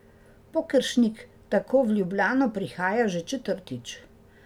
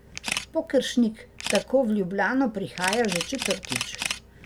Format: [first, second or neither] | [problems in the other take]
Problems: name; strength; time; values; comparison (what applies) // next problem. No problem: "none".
first | background sound (Camera); 8 dB below the speech